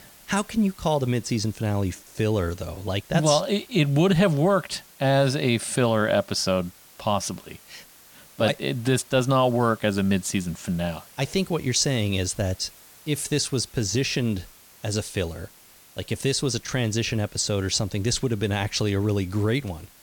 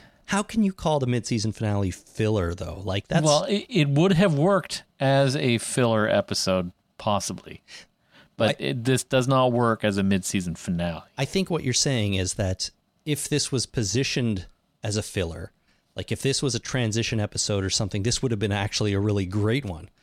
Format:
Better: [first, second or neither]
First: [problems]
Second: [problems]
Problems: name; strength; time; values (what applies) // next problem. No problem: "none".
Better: second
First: hiss; faint; throughout; 25 dB below the speech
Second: none